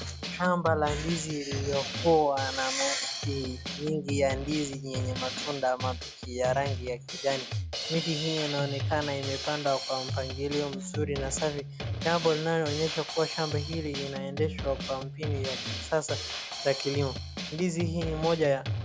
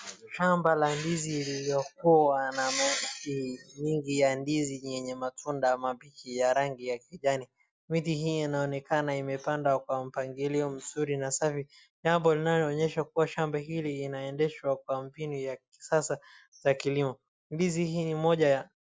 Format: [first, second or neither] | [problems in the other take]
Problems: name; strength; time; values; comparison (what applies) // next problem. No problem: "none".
second | background sound (Drum kit); 5 dB below the speech